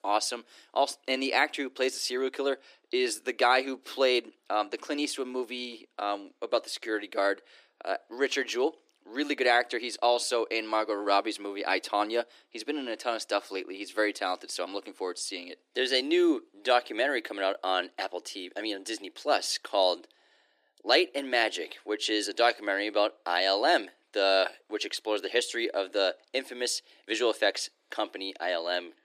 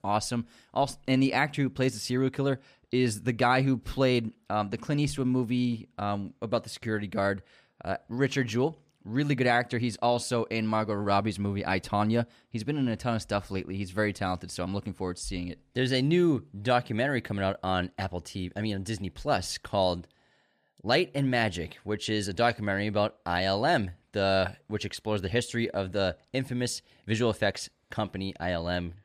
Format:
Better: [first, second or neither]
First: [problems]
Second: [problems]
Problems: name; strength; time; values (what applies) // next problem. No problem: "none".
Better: second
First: thin; somewhat; fading below 300 Hz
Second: none